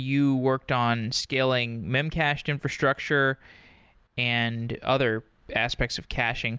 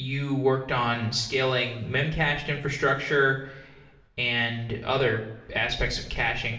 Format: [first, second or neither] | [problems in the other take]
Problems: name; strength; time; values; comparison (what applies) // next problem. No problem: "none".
first | room echo; dies away in 0.9 s